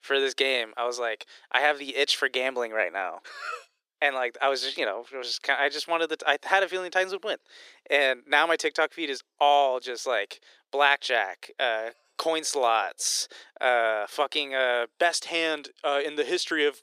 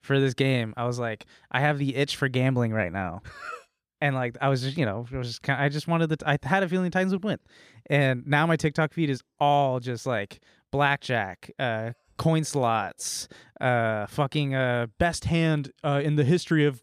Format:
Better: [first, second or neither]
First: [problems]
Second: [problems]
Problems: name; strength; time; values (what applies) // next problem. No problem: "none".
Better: second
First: thin; very; fading below 400 Hz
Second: none